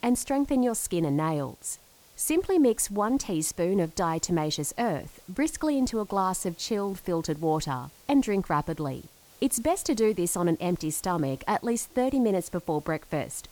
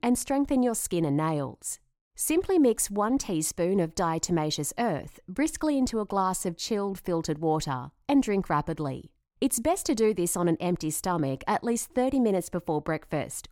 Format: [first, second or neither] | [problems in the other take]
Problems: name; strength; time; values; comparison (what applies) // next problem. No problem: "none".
second | hiss; faint; throughout; 25 dB below the speech